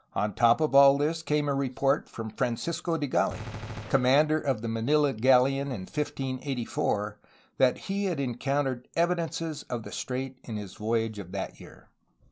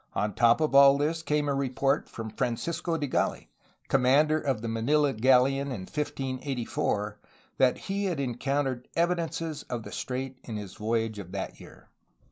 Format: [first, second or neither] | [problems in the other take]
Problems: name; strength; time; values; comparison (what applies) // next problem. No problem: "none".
second | background sound (Gunshot, gunfire); 14 dB below the speech